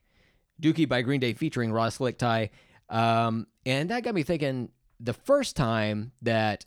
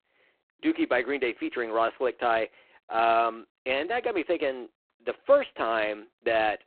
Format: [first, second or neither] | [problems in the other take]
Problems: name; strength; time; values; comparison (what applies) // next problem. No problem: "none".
first | phone-call audio; poor line; nothing above 4 kHz